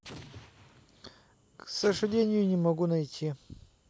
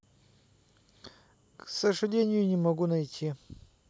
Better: second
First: background sound (Explosion); 20 dB below the speech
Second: none

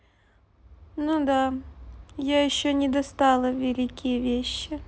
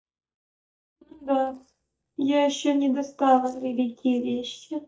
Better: first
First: none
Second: noise reduction (neural mask model DeepFilterNet 3)

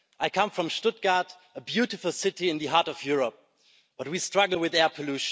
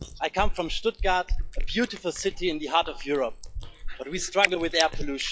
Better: first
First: none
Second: noise reduction (classical method log-MMSE)

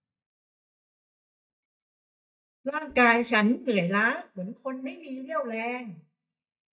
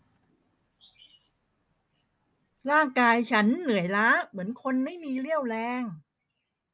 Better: second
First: noise reduction (neural mask model DeepFilterNet 3)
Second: none

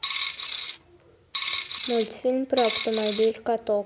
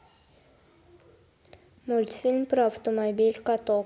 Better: second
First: background sound (Coin (dropping)); 6 dB below the speech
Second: none

